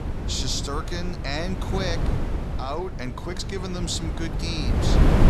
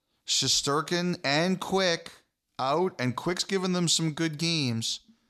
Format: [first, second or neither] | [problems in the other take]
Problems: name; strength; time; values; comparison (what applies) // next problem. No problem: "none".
second | wind noise on the microphone; heavy; 3 dB below the speech